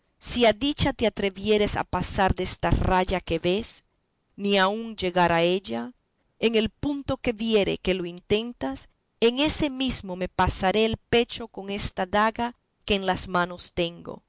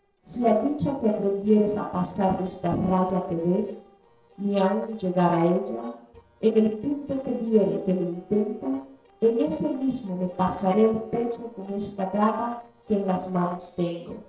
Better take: first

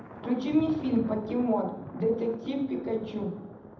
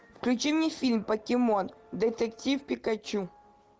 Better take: second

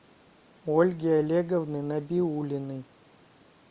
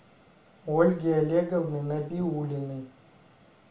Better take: first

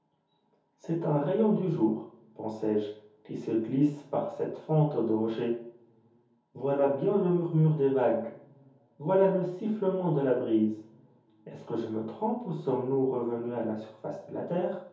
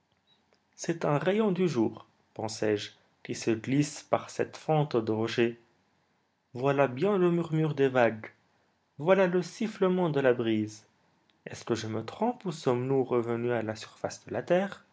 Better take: second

